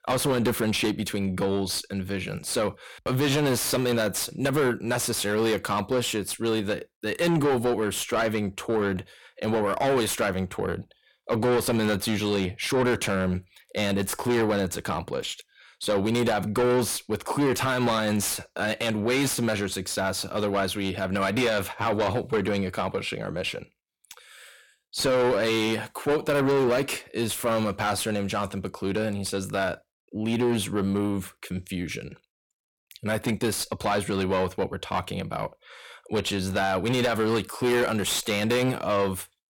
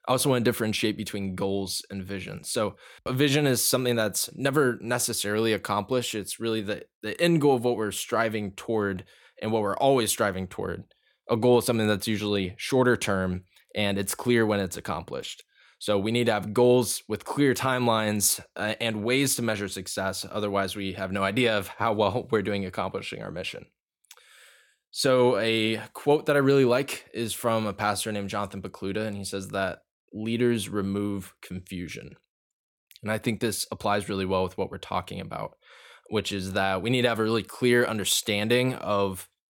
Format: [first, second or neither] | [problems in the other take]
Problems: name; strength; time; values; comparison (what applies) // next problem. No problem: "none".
second | distortion; heavy; 7 dB below the speech